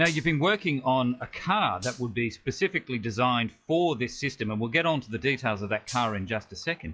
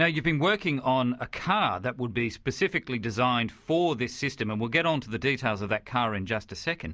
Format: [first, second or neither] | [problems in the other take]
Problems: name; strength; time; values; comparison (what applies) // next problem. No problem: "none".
second | noise reduction (classical method log-MMSE)